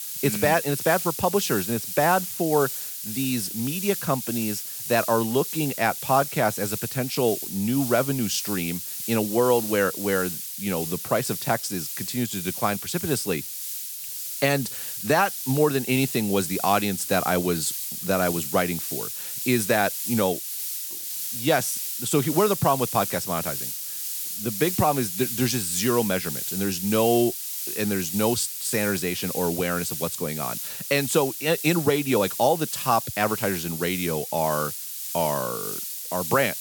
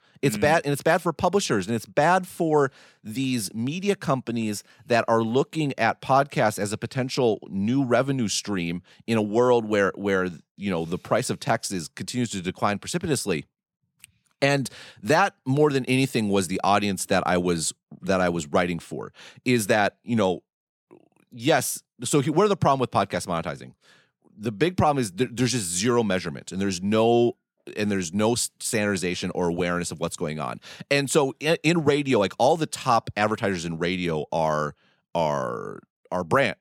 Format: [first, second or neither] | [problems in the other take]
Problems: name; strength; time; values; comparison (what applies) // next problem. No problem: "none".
second | hiss; loud; throughout; 4 dB below the speech